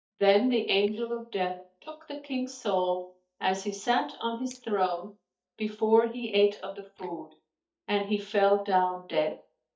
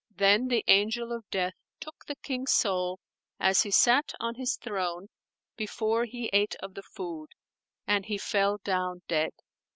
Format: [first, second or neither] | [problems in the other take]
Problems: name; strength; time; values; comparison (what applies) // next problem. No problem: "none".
second | noise reduction (neural mask model DeepFilterNet 3)